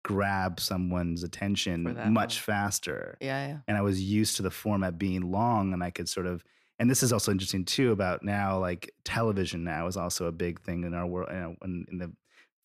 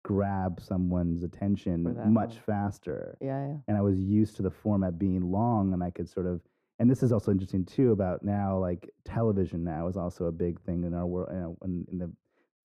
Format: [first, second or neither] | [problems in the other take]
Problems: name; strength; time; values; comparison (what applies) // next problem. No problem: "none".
first | muffled; very; fading above 1.5 kHz